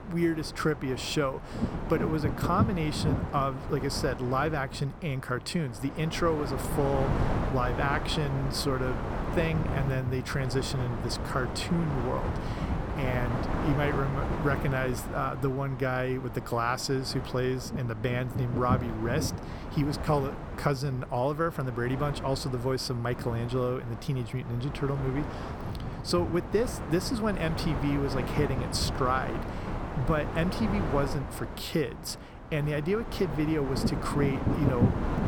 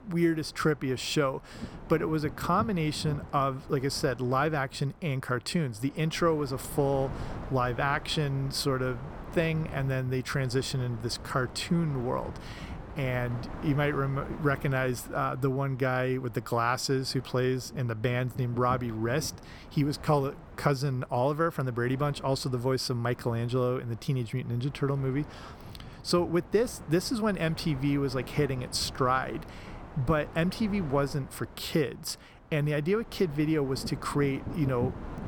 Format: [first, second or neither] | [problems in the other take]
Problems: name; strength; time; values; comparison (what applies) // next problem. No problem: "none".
second | wind noise on the microphone; heavy; 6 dB below the speech; occasional gusts in the second